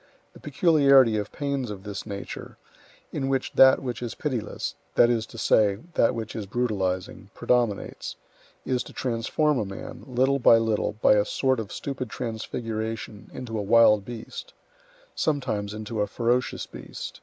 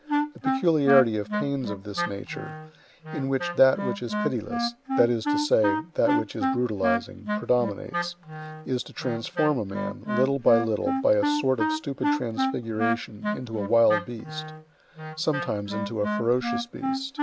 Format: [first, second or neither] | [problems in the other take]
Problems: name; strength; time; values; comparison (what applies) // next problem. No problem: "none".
first | background sound (Wind instrument, woodwind instrument); 3 dB below the speech